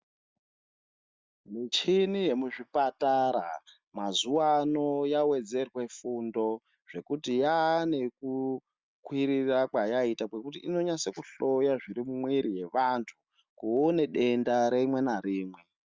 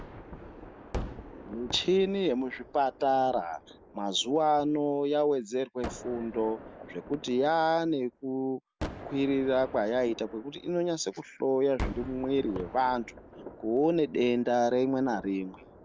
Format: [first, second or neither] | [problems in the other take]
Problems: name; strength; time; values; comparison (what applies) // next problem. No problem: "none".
first | background sound (Gunshot, gunfire); 14 dB below the speech